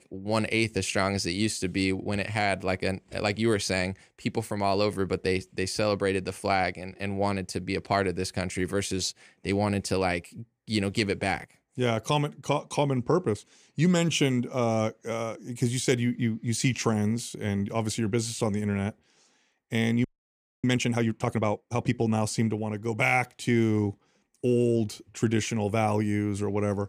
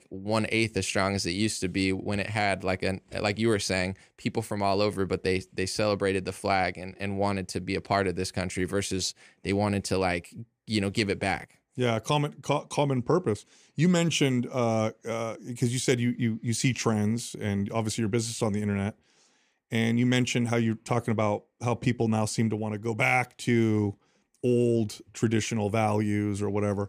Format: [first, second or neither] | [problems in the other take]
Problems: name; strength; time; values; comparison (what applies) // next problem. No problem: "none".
second | audio freezing; at 20 s for 0.5 s